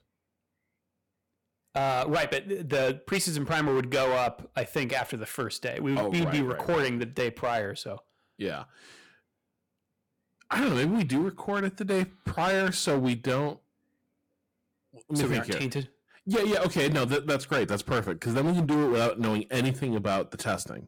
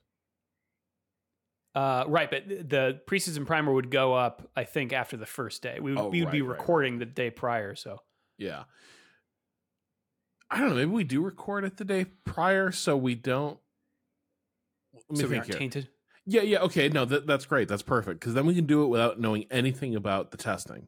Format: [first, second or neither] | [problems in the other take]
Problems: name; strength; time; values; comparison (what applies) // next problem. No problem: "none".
second | distortion; heavy; 11% of the sound clipped